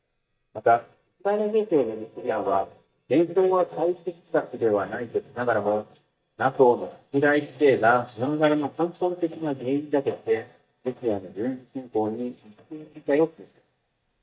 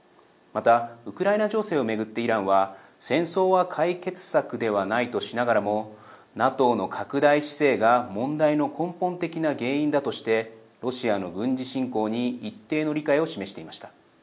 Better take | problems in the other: second | noise reduction (neural mask model DeepFilterNet 3)

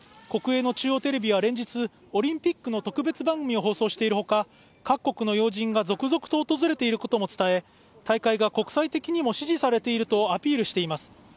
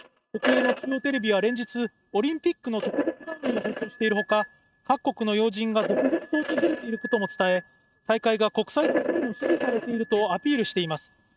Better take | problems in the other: first | noise reduction (neural mask model RNNoise)

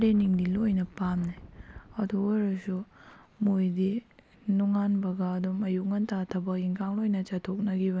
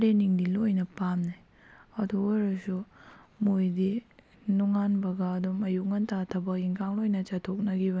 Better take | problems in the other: second | background sound (Wind); 18 dB below the speech

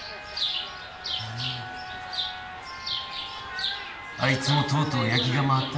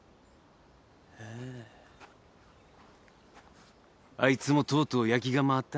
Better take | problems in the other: second | background sound (Chirp, tweet); 3 dB below the speech // room echo; dies away in 2 s

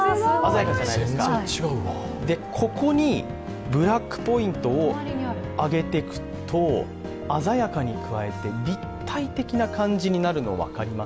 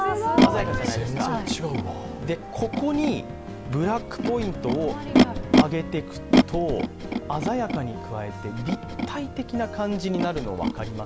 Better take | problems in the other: first | background sound (Animal); 1 dB above the speech

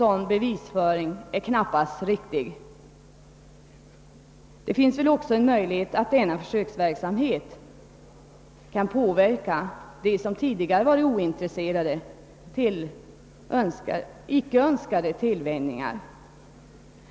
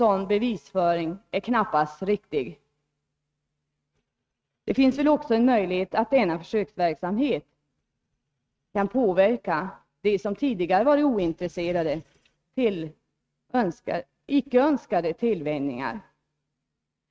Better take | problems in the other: first | noise reduction (neural mask model RNNoise)

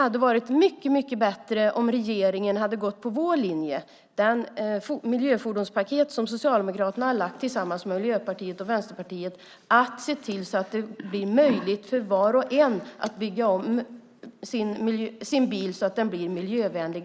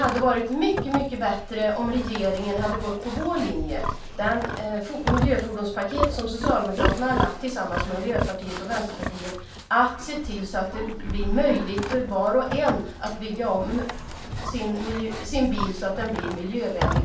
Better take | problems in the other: first | background sound (Livestock, farm animals, working animals); 4 dB below the speech // room echo; dies away in 0.3 s

